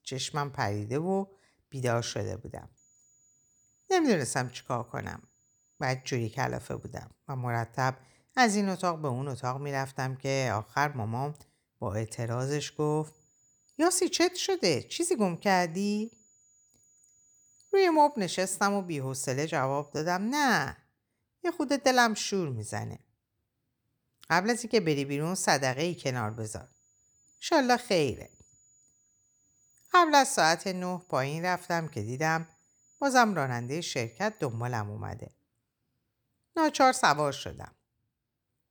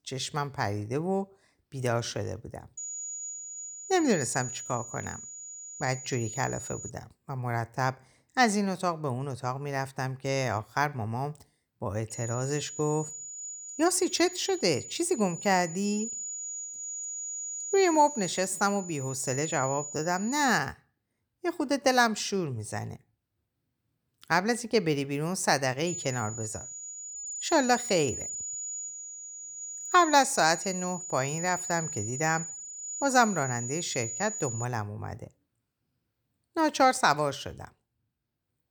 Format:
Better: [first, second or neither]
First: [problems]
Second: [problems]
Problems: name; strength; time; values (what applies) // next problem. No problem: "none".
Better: first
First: high-pitched whine; faint; from 3 to 7 s, from 12 to 21 s and from 26 to 35 s; 7 kHz, 35 dB below the speech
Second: high-pitched whine; loud; from 3 to 7 s, from 12 to 21 s and from 26 to 35 s; 7 kHz, 8 dB below the speech